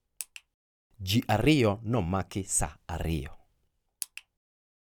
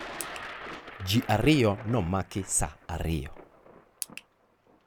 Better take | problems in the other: first | background sound (Thunder); 15 dB below the speech

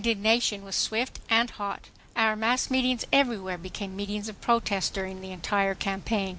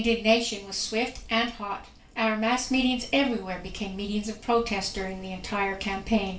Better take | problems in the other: first | room echo; dies away in 0.3 s

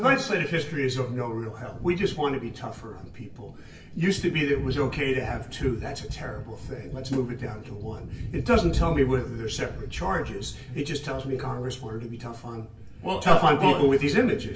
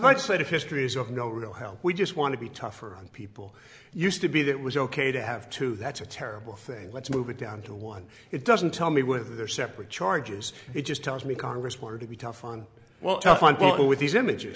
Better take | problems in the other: second | background sound (Thunder); 10 dB below the speech // room echo; dies away in 0.3 s

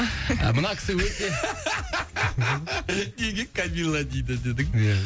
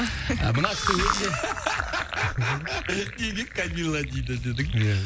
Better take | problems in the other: first | background sound (Fill (with liquid) + Squeak / Cupboard open or close); 6 dB below the speech

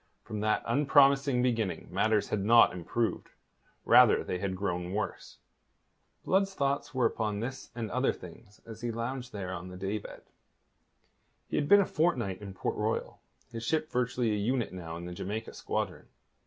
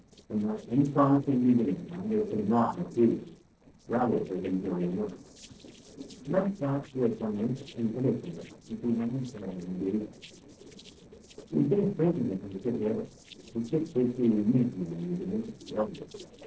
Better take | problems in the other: first | noise reduction (neural separator model SepFormer DNS4)

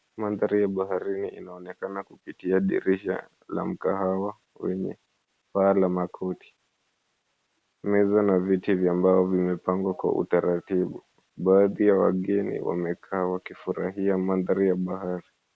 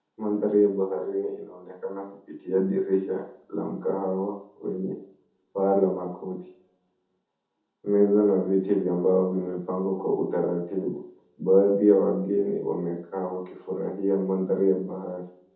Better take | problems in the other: first | room echo; dies away in 0.5 s

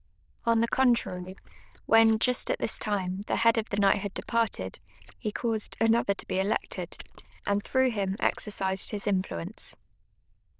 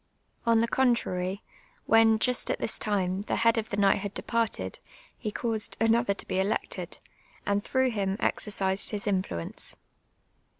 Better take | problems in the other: second | noise reduction (neural diffusion model UNIVERSE++)

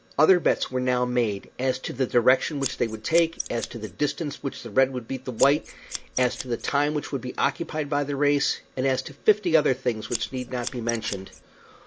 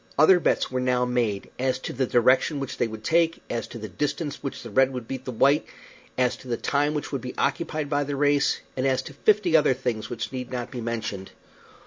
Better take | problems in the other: second | background sound (Scissors); 12 dB below the speech

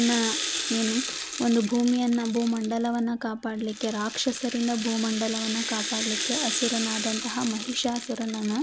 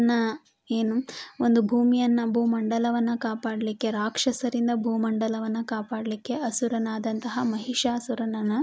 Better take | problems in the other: second | background sound (Rattle (instrument)); 6 dB below the speech

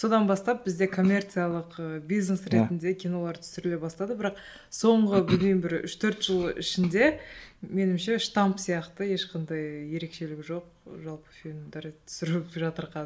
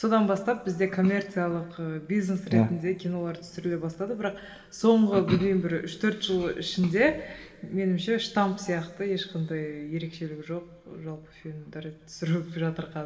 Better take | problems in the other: first | room echo; dies away in 2.9 s

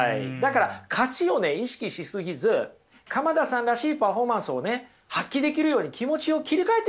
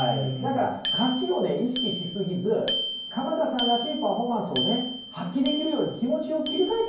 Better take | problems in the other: first | background sound (Bicycle bell); 7 dB below the speech // room echo; dies away in 0.9 s

